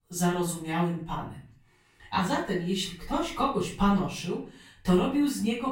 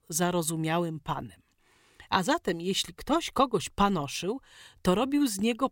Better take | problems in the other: second | off-mic speech; far // room echo; noticeable; dies away in 0.5 s

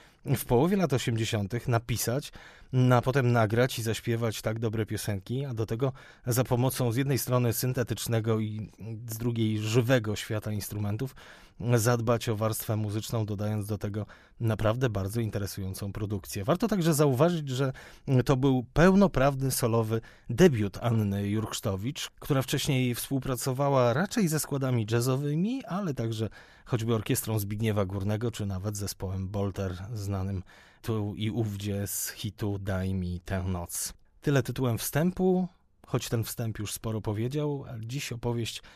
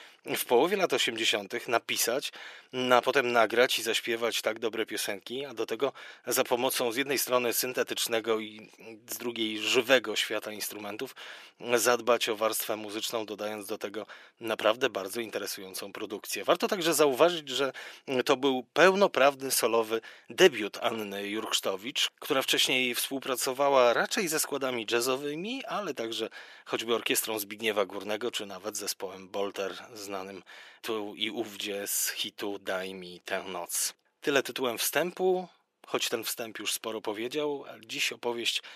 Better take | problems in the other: first | thin; very; fading below 350 Hz

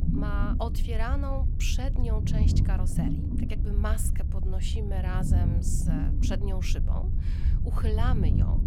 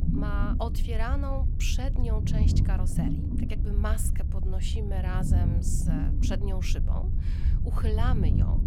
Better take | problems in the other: neither | low rumble; loud; throughout; 3 dB below the speech; the same in both

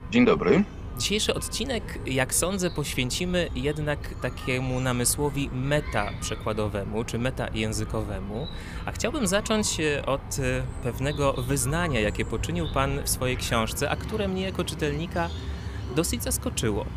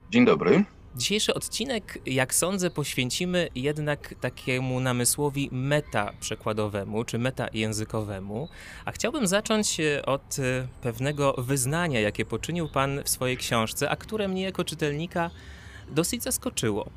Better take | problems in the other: second | animal sounds; loud; throughout; 9 dB below the speech; faint in the second

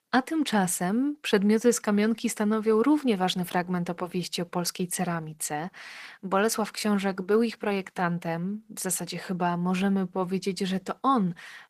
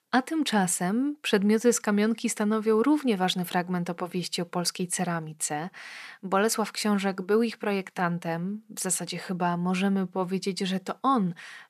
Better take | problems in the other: second | garbled, watery; slightly

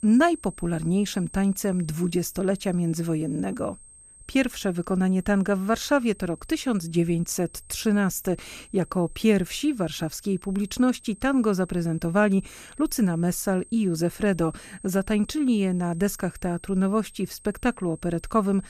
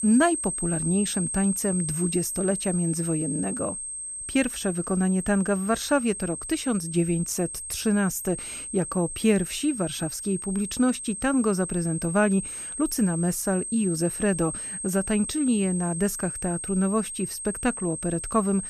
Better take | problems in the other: first | high-pitched whine; loud; throughout; 8.5 kHz, 5 dB below the speech; faint in the first

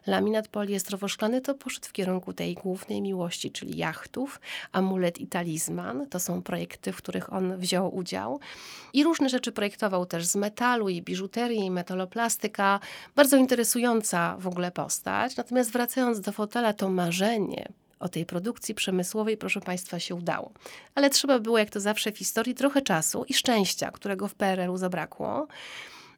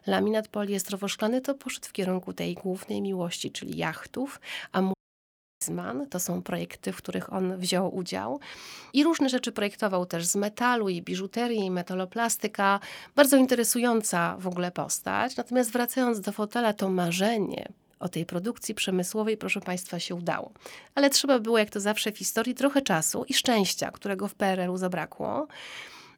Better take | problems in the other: first | audio cutting out; at 5 s for 0.5 s

